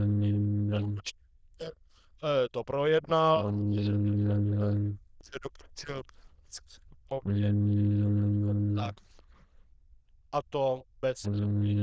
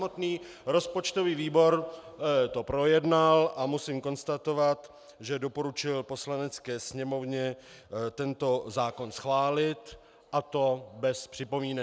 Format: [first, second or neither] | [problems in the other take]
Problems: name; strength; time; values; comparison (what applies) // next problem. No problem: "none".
second | noise reduction (neural diffusion model UNIVERSE++)